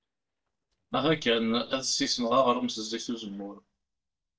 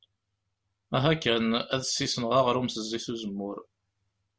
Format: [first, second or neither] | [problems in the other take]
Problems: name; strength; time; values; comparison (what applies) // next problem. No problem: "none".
second | noise reduction (neural mask model DeepFilterNet 3)